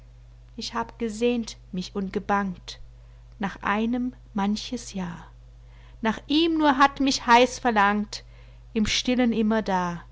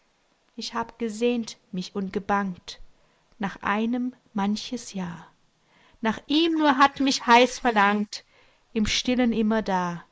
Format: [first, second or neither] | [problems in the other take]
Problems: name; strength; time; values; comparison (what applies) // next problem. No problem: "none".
first | noise reduction (neural mask model Resemble Enhance denoiser)